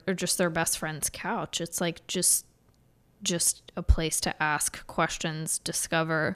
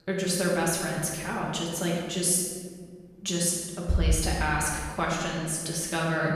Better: first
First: none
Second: room echo; noticeable; dies away in 1.6 s // off-mic speech; far

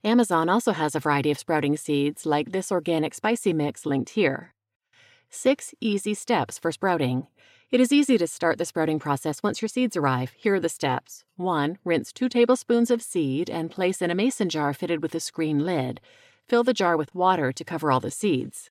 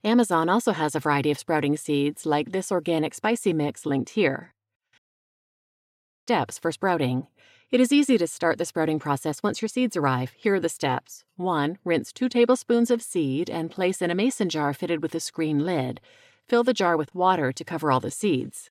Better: first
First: none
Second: audio cutting out; at 5 s for 1.5 s

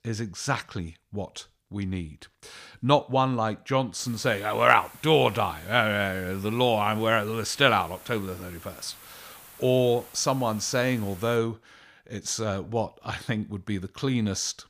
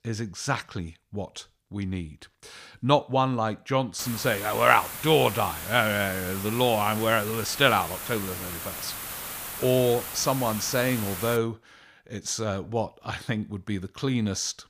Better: first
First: hiss; faint; from 4 to 11 s; 20 dB below the speech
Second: hiss; loud; from 4 to 11 s; 8 dB below the speech

